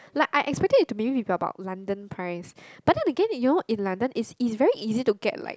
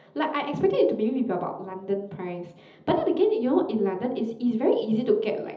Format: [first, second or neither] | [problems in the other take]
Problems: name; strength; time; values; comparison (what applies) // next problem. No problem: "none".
first | room echo; dies away in 1.2 s